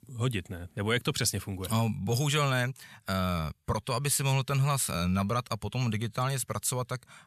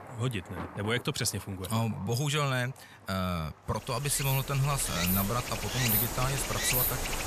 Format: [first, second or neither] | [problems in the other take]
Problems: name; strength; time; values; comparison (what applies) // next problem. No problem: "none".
first | rain or running water; very loud; throughout; as loud as the speech